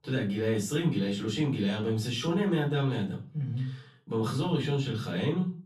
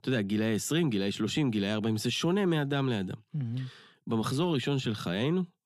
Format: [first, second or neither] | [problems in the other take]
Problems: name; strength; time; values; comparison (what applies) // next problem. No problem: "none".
second | off-mic speech; far // room echo; slight; dies away in 0.3 s